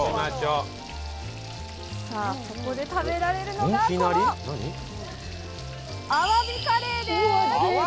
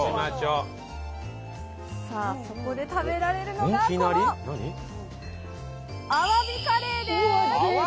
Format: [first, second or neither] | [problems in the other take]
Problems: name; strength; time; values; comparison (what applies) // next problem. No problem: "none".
second | background sound (Frying (food)); 18 dB below the speech